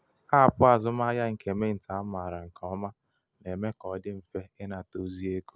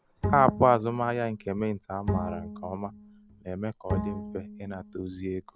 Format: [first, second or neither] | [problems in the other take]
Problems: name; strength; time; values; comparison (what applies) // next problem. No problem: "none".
first | background sound (Bowed string instrument); 7 dB below the speech